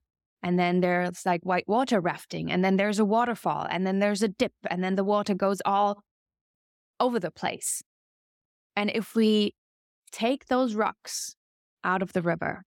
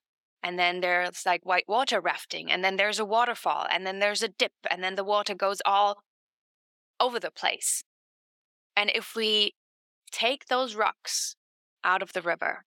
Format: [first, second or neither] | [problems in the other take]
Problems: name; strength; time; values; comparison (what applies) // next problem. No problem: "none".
first | thin; very; fading below 550 Hz